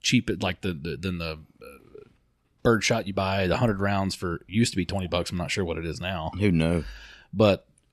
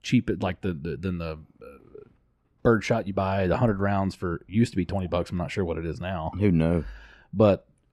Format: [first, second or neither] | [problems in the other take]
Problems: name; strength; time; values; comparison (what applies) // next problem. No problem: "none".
first | muffled; slightly; fading above 2 kHz